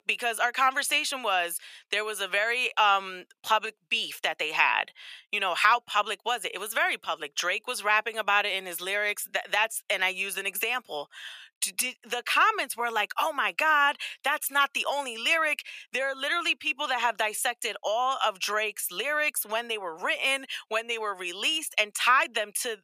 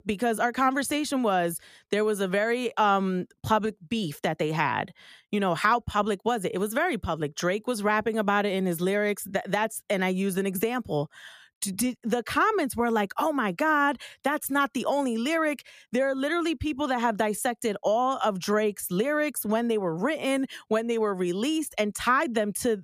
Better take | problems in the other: second | thin; very; fading below 850 Hz

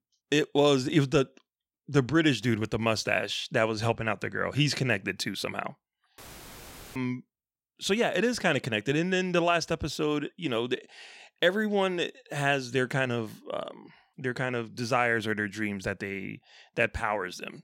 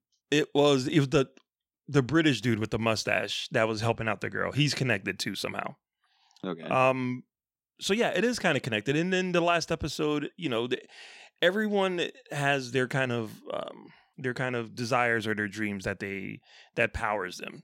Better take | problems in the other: second | audio cutting out; filled with static; at 6 s for 1 s

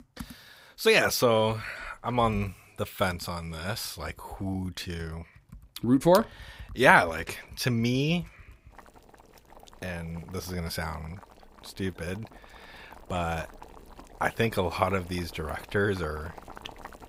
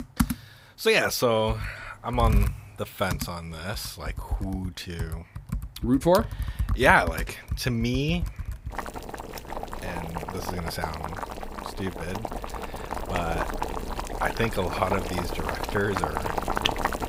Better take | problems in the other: first | household noises; loud; throughout; 5 dB below the speech; faint in the first

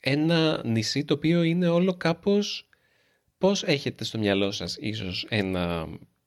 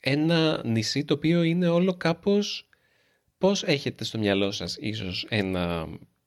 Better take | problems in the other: neither | none

